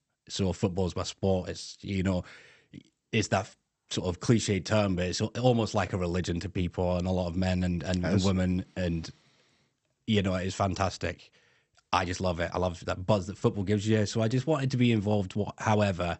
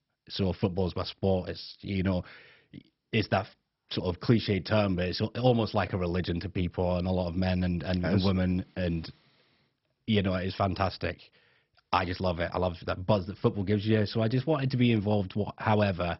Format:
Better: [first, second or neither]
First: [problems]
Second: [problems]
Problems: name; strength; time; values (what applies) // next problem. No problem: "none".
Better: first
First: garbled, watery; slightly; nothing above 8 kHz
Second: garbled, watery; badly; nothing above 5.5 kHz